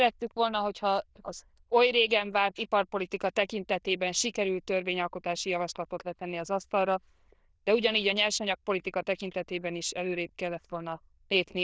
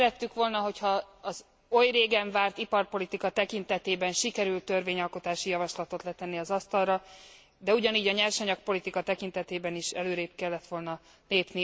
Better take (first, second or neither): second